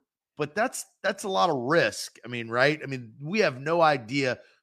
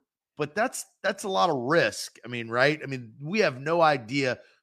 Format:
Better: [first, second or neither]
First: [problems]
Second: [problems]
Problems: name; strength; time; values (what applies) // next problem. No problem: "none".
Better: neither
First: none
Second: none